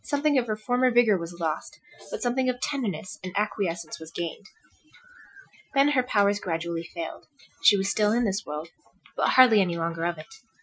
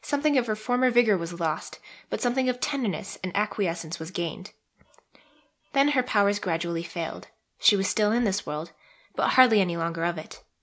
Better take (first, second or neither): second